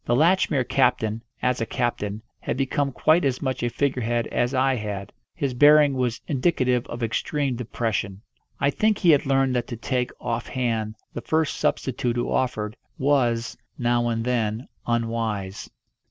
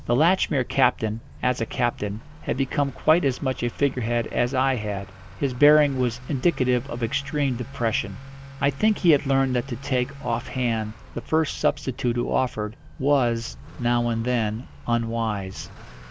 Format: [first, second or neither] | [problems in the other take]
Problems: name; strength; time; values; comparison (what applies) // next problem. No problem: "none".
first | background sound (Bird + Accelerating, revving, vroom / Motor vehicle (road)); 16 dB below the speech